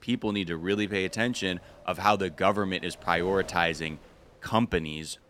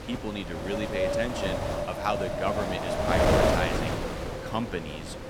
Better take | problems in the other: first | wind noise on the microphone; heavy; 5 dB above the speech; occasional gusts in the first

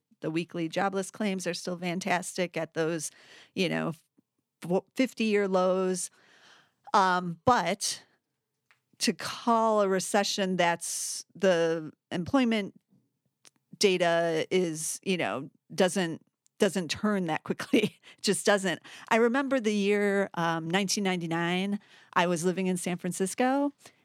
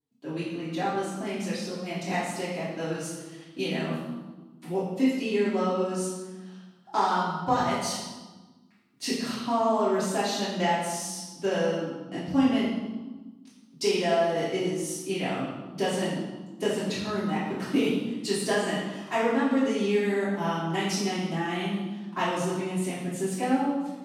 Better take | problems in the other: first | off-mic speech; far // room echo; strong; dies away in 1 s

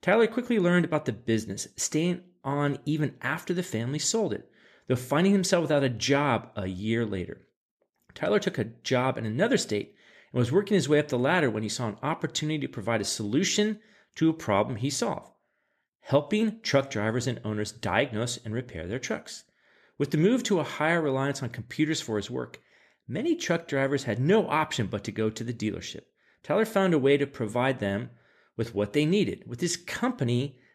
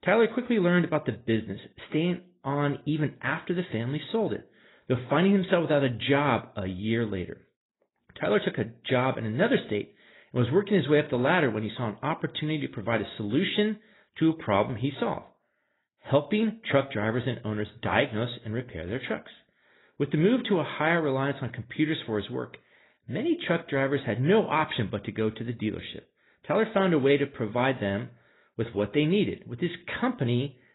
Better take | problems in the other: first | garbled, watery; badly; nothing above 4 kHz

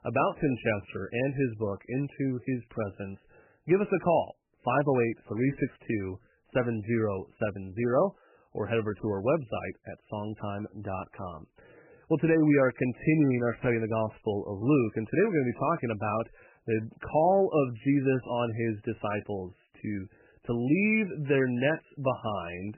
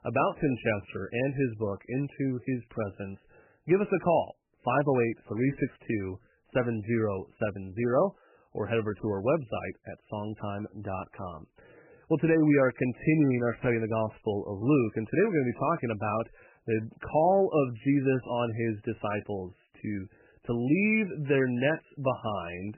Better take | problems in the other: neither | garbled, watery; badly; nothing above 2.5 kHz; the same in both

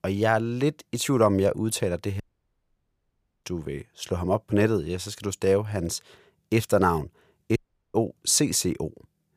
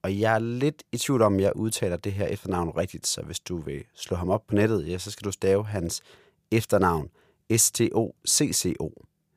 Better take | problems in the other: second | audio cutting out; at 2 s for 1 s and at 7.5 s

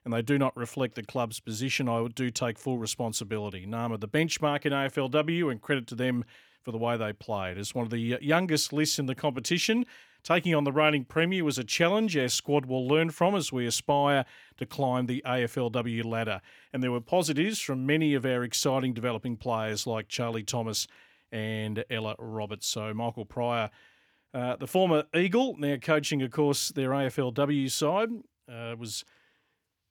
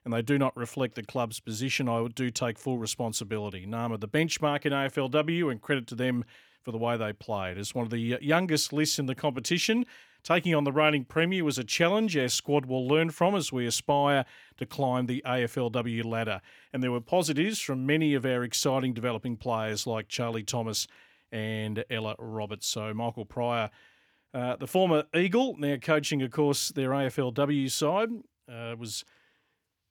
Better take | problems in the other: neither | none

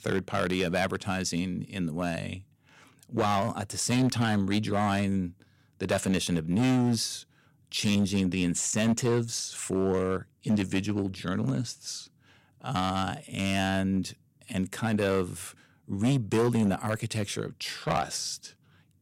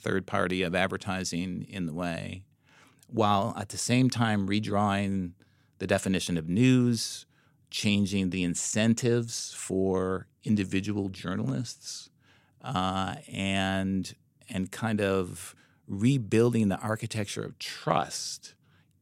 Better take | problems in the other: second | distortion; slight; 5% of the sound clipped

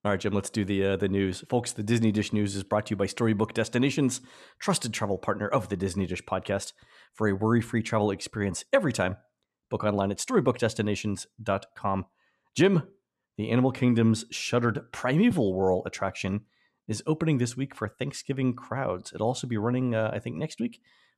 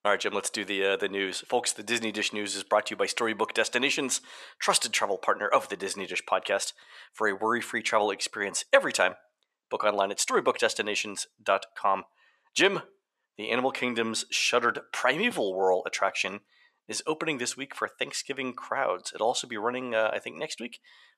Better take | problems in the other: first | thin; very; fading below 600 Hz

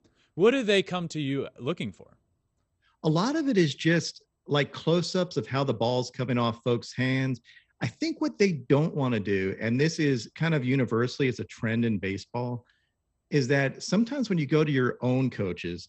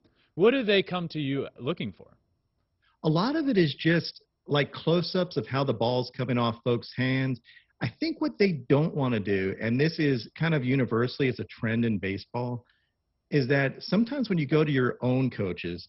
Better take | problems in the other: first | garbled, watery; badly; nothing above 5.5 kHz; slightly in the first

